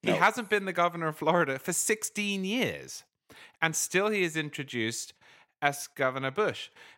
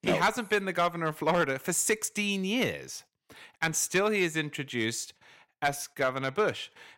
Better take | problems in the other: first | distortion; slight; 1.5% of the sound clipped

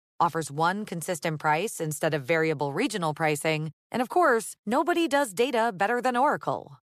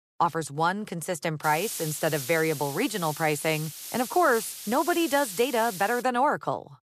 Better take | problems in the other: first | hiss; loud; from 1.5 to 6 s; 10 dB below the speech

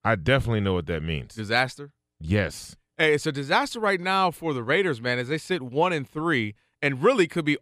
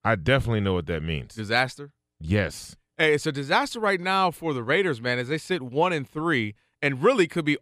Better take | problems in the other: neither | none

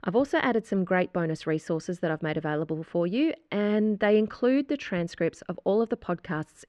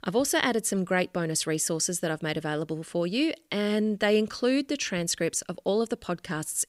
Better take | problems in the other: second | muffled; very; fading above 2 kHz

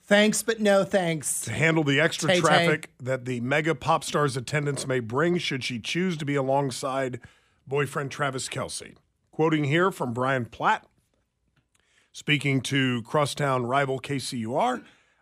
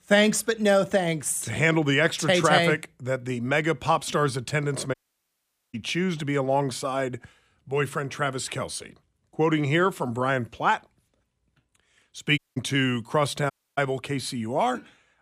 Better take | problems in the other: first | audio cutting out; at 5 s for 1 s, at 12 s and at 14 s

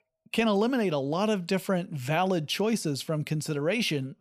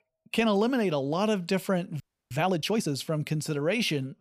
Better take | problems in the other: first | audio freezing; at 2 s

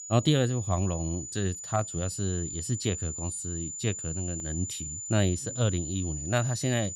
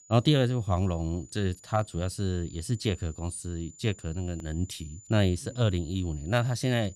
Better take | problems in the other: second | high-pitched whine; loud; throughout; 7 kHz, 6 dB below the speech; faint in the second

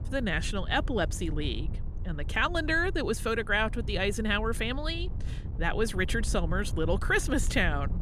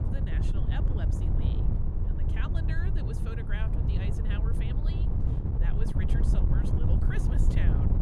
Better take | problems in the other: first | wind noise on the microphone; heavy; 2 dB above the speech; occasional gusts in the first

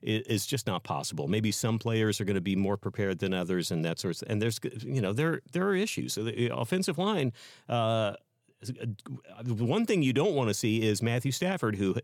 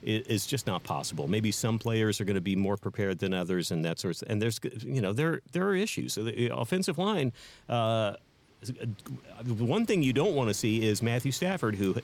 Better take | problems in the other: first | wind noise on the microphone; occasional gusts; 25 dB below the speech

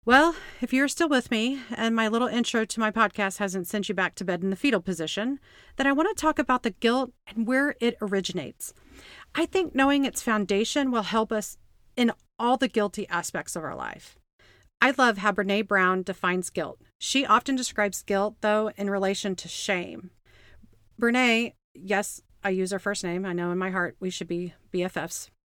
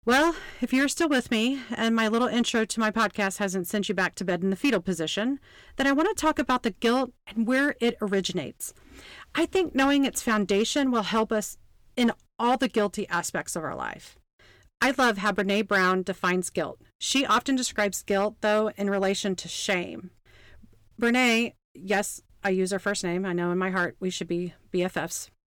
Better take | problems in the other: first | distortion; slight; 4% of the sound clipped

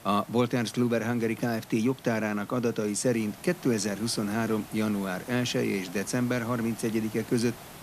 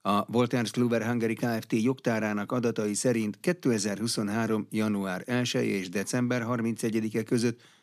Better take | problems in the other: second | hiss; noticeable; throughout; 20 dB below the speech

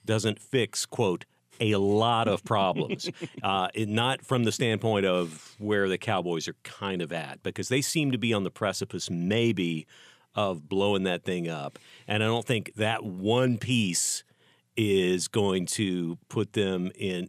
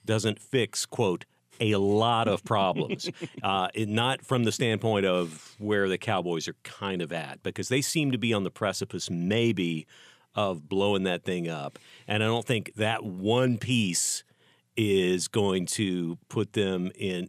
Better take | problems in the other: neither | none

